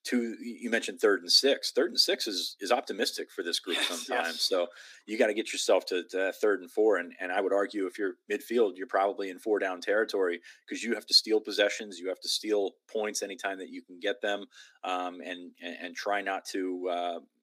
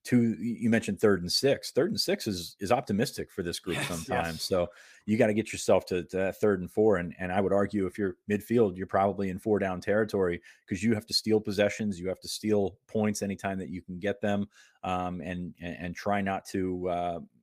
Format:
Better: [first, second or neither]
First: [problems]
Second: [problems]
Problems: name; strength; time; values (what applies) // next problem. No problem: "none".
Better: second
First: thin; somewhat; fading below 250 Hz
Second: none